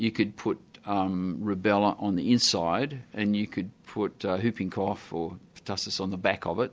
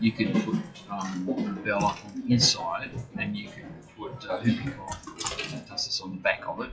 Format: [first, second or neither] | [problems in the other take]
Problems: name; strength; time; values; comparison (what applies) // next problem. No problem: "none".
first | noise reduction (classical method WPE with log-MMSE)